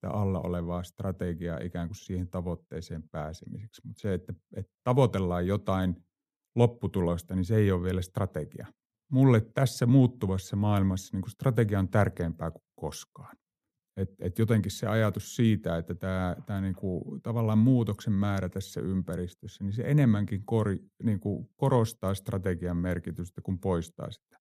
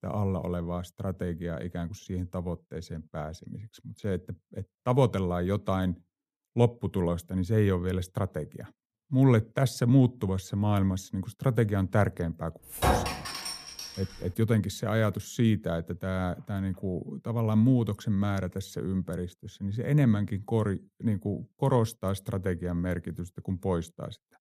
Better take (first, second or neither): first